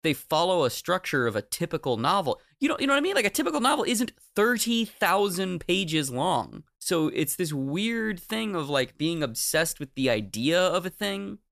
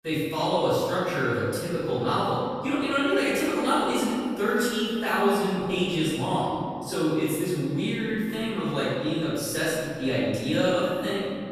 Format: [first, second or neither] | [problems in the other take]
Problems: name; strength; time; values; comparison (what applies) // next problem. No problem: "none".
first | room echo; strong; dies away in 2.3 s // off-mic speech; far